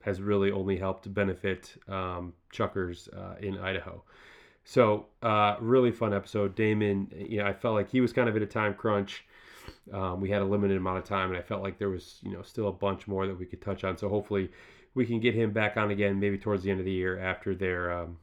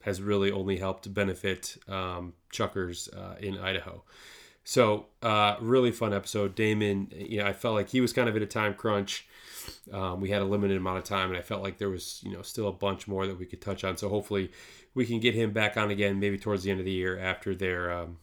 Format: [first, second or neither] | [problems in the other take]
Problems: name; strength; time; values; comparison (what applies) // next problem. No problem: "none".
second | muffled; slightly; fading above 3.5 kHz